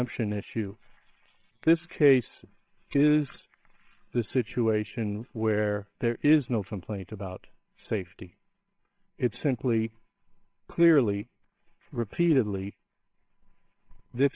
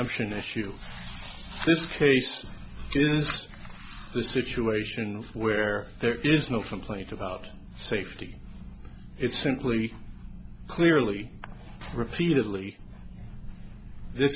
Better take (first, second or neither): second